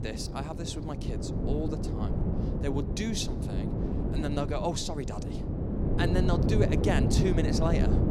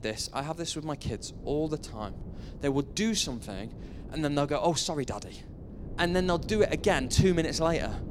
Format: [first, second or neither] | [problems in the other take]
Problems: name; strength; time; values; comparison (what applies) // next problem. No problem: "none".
second | wind noise on the microphone; heavy; 3 dB below the speech; occasional gusts in the second